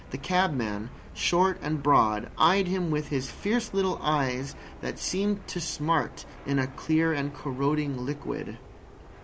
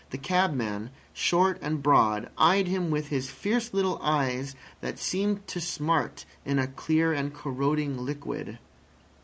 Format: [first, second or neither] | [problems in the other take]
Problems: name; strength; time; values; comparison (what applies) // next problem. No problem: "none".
second | background sound (Fixed-wing aircraft, airplane); 17 dB below the speech